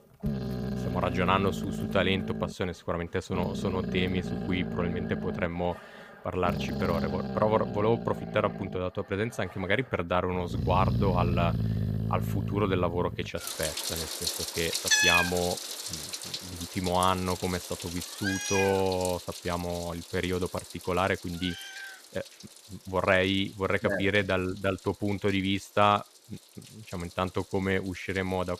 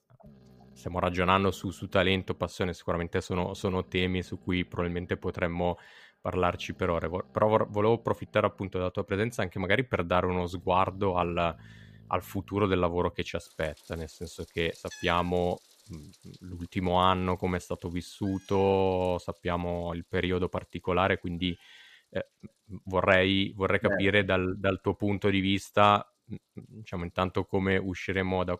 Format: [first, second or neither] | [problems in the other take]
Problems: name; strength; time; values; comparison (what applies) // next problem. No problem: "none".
second | animal sounds; loud; throughout; 2 dB below the speech; faint in the second